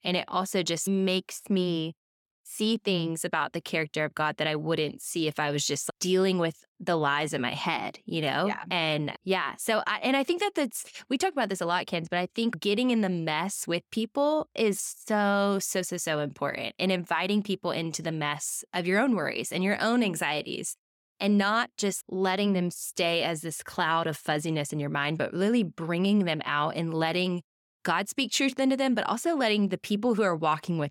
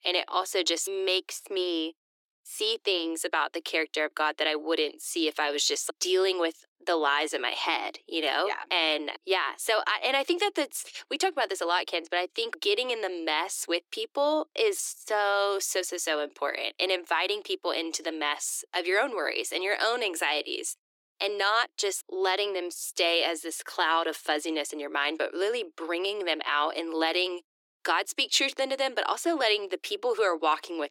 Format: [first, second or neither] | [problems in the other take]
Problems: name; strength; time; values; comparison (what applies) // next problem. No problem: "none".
first | thin; very; fading below 300 Hz